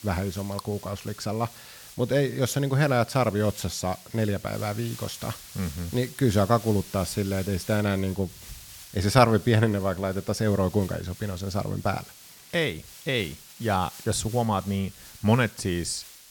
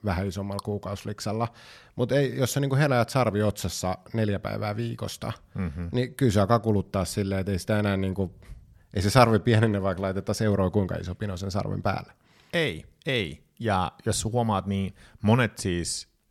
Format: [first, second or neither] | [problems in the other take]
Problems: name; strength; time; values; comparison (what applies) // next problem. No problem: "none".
second | hiss; noticeable; throughout; 15 dB below the speech